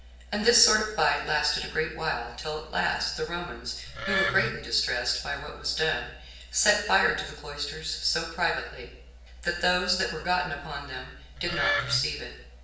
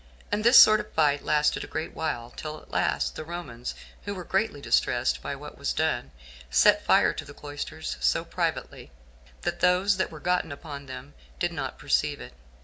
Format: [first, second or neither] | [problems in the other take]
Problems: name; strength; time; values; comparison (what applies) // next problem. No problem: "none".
second | background sound (Wood); 2 dB below the speech // room echo; dies away in 0.6 s